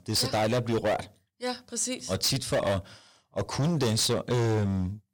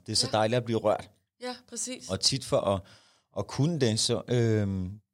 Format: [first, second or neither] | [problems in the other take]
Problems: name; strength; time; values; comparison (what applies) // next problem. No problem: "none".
second | distortion; heavy; 16% of the sound clipped